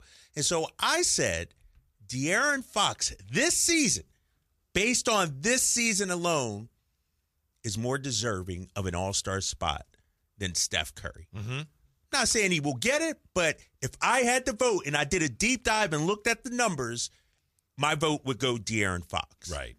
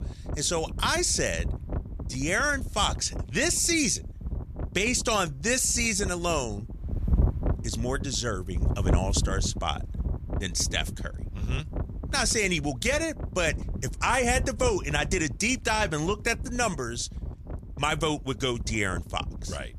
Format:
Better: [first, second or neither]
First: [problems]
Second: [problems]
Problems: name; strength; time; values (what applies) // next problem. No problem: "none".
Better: first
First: none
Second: wind noise on the microphone; occasional gusts; 15 dB below the speech